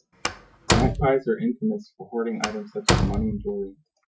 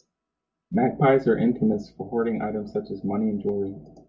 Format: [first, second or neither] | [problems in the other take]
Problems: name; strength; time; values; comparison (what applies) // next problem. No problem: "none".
second | noise reduction (classical method Wiener filter)